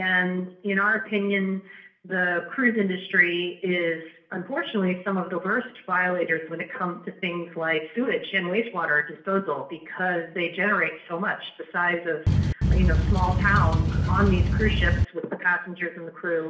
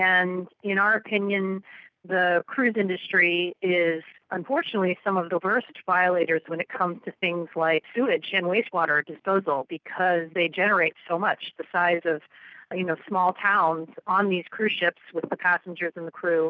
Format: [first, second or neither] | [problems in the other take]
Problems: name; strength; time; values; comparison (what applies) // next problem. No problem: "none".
second | background sound (Boat, Water vehicle); 5 dB above the speech // room echo; dies away in 0.5 s